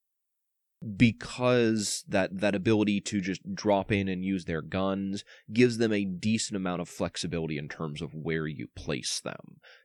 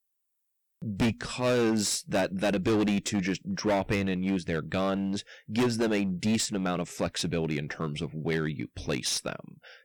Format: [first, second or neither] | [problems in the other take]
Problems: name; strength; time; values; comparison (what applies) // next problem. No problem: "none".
first | distortion; heavy; 11% of the sound clipped